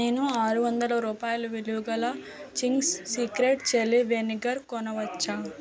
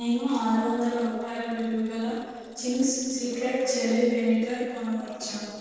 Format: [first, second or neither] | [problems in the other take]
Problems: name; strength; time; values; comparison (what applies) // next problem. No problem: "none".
first | noise reduction (neural separator model SepFormer DNS4)